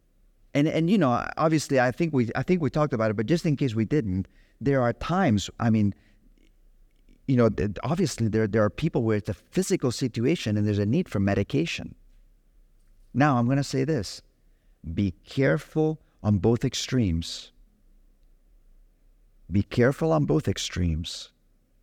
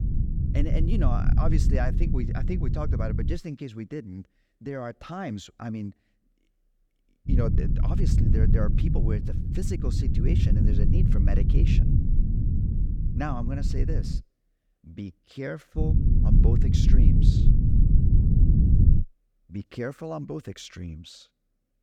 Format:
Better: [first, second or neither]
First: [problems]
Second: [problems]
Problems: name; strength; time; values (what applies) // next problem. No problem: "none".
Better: first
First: none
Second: low rumble; loud; until 3.5 s, from 7.5 to 14 s and from 16 to 19 s; 1 dB below the speech